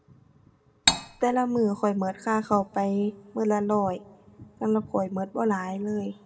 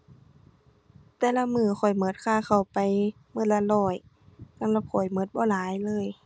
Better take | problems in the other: second | background sound (Cutlery, silverware); 2 dB above the speech // room echo; dies away in 1.1 s

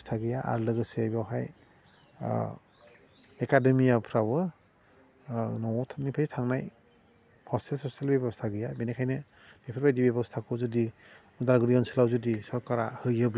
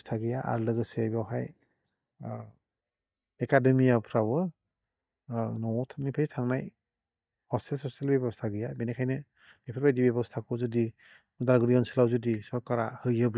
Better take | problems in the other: first | noise reduction (neural mask model DeepFilterNet 3)

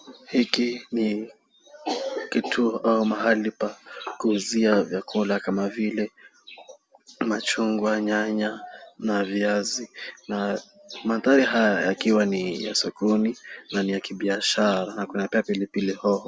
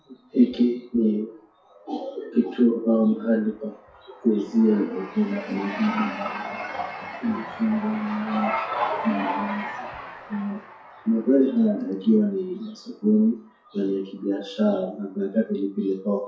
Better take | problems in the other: first | noise reduction (classical method WPE with log-MMSE)

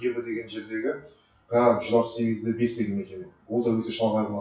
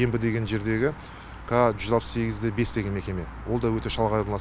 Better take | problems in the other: second | noise reduction (classical method WPE with log-MMSE)

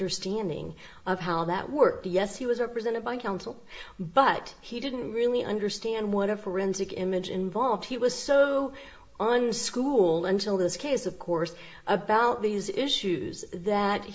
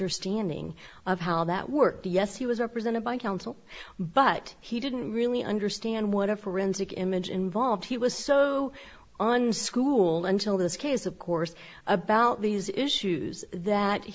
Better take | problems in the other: second | room echo; dies away in 0.5 s

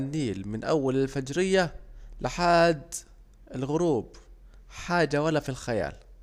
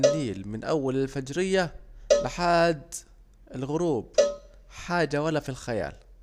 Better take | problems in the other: first | background sound (Cowbell); 3 dB below the speech

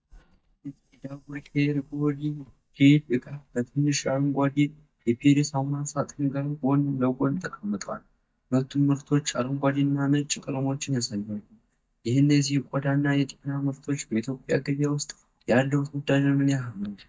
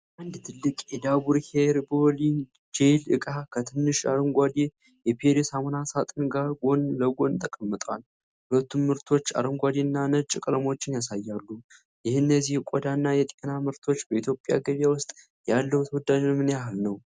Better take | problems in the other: second | noise reduction (neural mask model DeepFilterNet 3)

